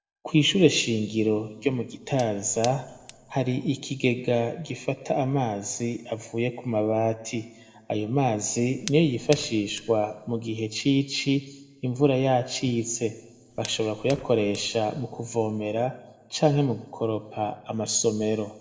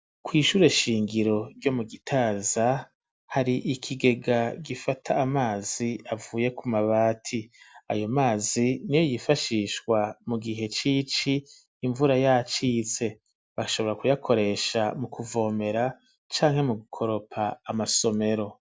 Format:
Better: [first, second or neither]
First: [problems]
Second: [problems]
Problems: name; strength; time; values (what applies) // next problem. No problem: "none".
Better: second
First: noise reduction (neural separator model SepFormer DNS4)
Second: none